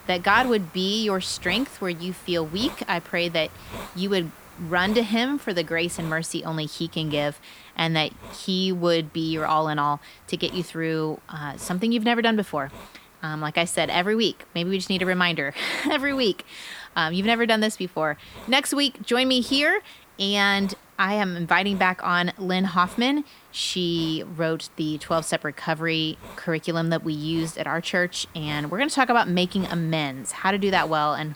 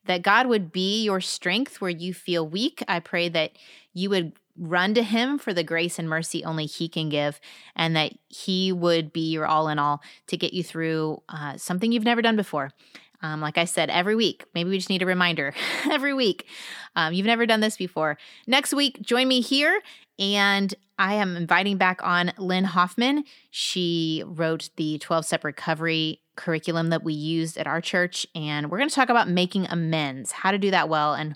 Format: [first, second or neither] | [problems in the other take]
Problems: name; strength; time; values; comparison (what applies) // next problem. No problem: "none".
second | hiss; faint; throughout; 20 dB below the speech